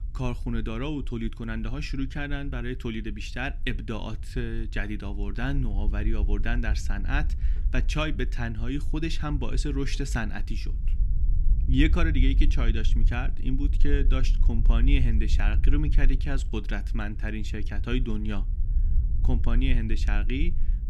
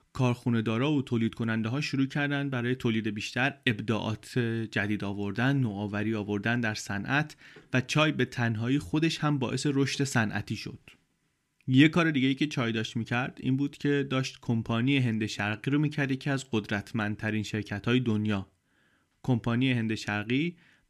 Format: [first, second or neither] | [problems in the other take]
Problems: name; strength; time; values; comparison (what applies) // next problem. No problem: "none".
second | low rumble; noticeable; throughout; 15 dB below the speech